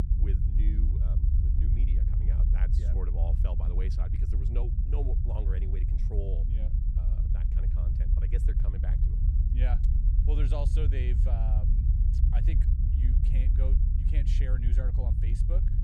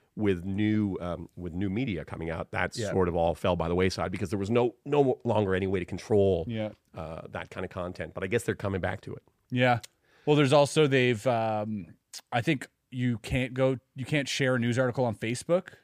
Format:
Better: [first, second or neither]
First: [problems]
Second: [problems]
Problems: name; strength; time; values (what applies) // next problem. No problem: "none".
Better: second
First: low rumble; loud; throughout; as loud as the speech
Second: none